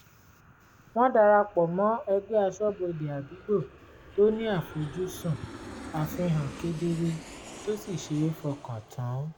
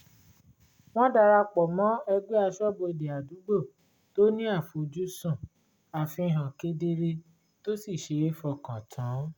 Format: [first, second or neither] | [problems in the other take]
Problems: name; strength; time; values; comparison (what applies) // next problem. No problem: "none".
second | background sound (Aircraft); 17 dB below the speech